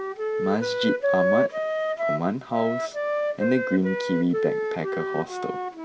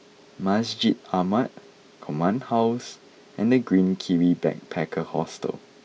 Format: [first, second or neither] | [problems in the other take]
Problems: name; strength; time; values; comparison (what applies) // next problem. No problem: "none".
second | background sound (Wind instrument, woodwind instrument); 1 dB above the speech